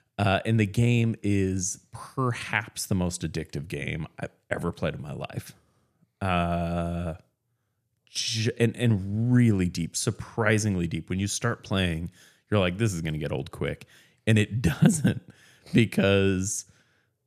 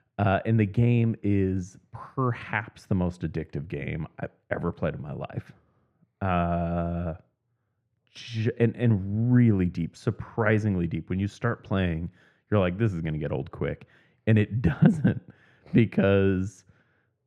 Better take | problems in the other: first | muffled; very; fading above 4 kHz

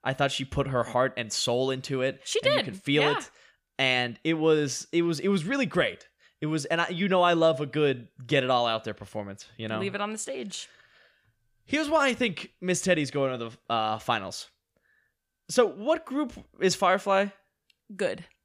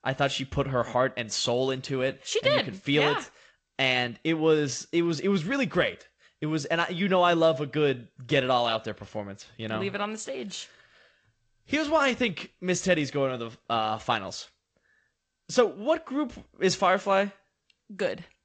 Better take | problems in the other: first | garbled, watery; slightly; nothing above 7.5 kHz

